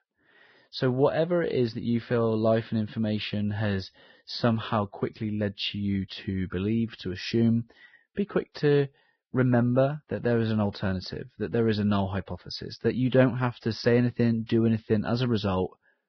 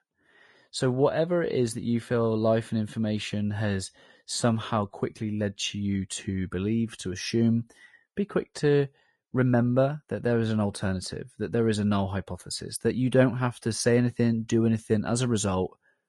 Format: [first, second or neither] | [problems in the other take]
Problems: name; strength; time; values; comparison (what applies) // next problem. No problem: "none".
second | garbled, watery; badly; nothing above 5.5 kHz; slightly in the second